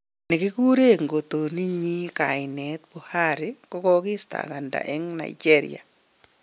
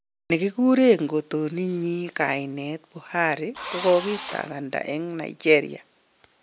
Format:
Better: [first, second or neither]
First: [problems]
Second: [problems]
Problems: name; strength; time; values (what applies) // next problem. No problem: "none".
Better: first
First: none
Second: background sound (Engine / Drill); 11 dB below the speech